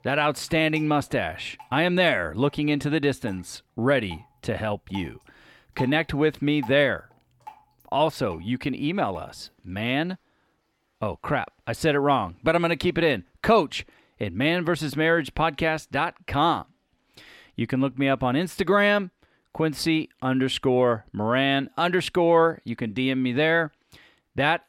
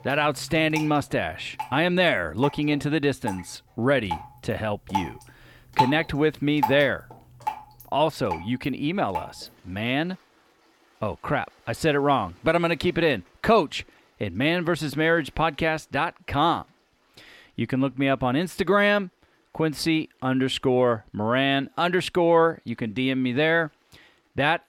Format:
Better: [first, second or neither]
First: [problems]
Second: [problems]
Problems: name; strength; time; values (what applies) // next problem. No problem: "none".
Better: first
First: rain or running water; faint; throughout; 20 dB below the speech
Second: rain or running water; loud; throughout; 9 dB below the speech